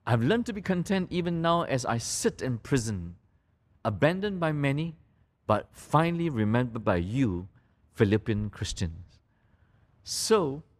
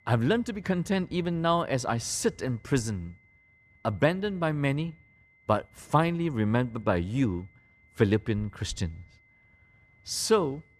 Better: first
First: none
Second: high-pitched whine; faint; throughout; 2 kHz, 35 dB below the speech

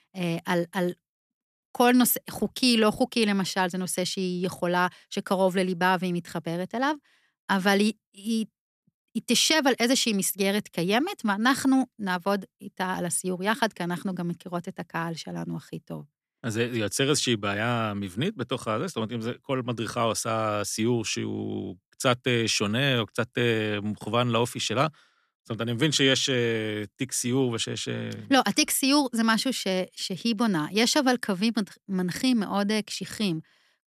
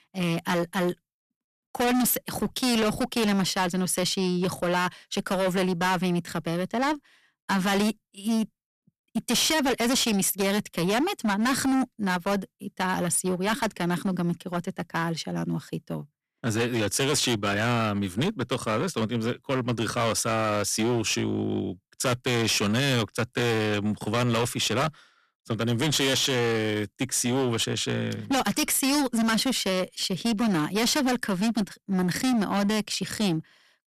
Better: first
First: none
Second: distortion; heavy; 18% of the sound clipped

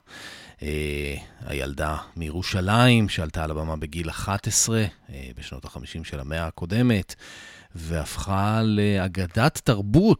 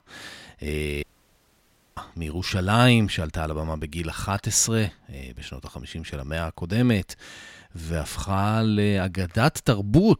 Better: first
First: none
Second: audio cutting out; at 1 s for 1 s

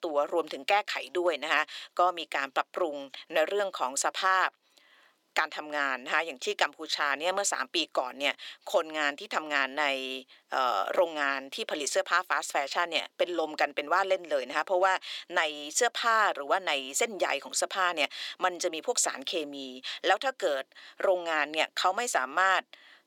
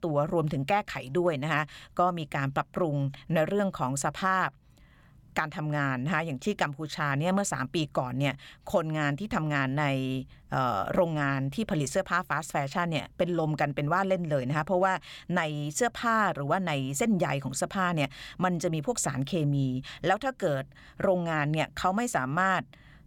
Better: second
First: thin; very; fading below 350 Hz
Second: none

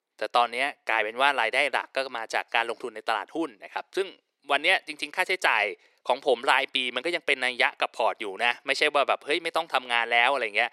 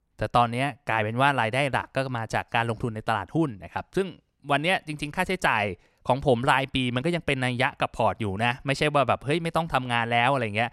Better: second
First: thin; very; fading below 400 Hz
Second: none

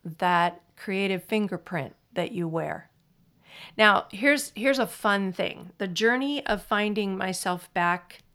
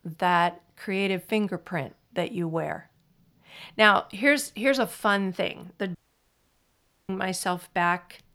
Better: first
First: none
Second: audio cutting out; at 6 s for 1 s

